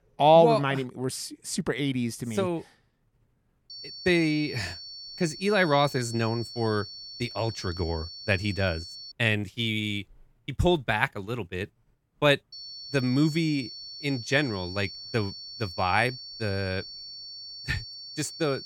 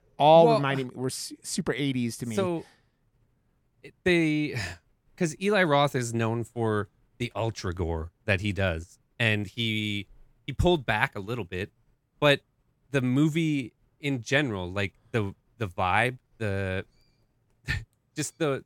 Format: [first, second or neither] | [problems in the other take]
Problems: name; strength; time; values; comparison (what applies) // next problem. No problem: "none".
second | high-pitched whine; noticeable; from 3.5 to 9 s and from 13 s on; 4.5 kHz, 10 dB below the speech